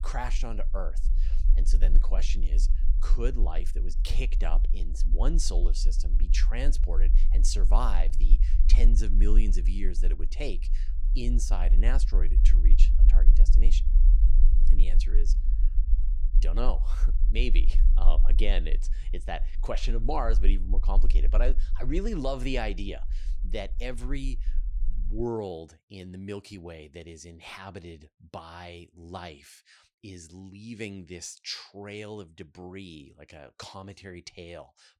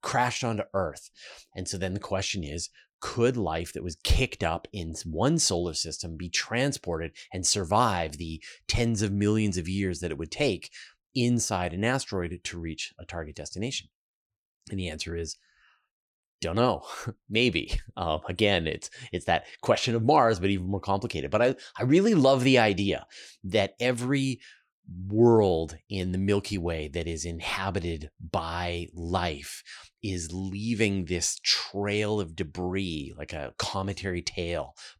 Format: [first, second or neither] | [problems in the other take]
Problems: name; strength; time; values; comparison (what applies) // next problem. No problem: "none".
second | low rumble; noticeable; until 25 s; 15 dB below the speech